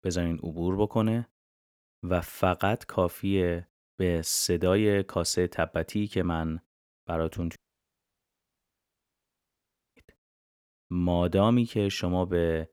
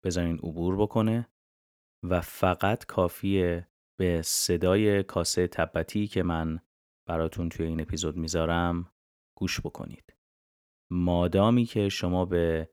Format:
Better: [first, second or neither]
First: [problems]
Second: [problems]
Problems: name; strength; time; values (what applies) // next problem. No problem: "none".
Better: second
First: audio cutting out; at 7.5 s for 2.5 s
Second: none